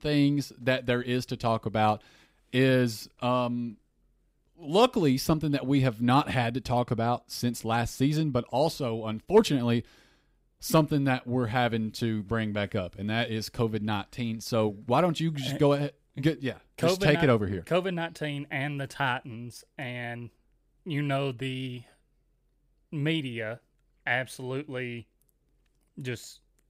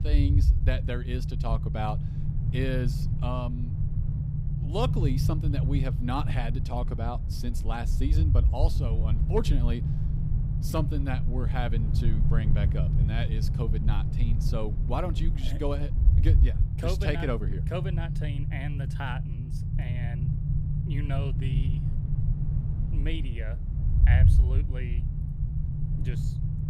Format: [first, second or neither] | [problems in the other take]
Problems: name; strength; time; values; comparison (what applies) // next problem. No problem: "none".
first | low rumble; loud; throughout; 5 dB below the speech